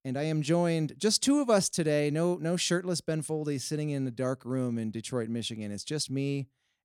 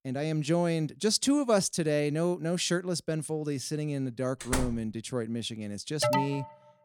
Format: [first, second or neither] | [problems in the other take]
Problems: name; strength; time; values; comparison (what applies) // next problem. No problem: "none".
first | door banging; noticeable; at 4.5 s; peak 3 dB below the speech // alarm; loud; at 6 s; peak 1 dB above the speech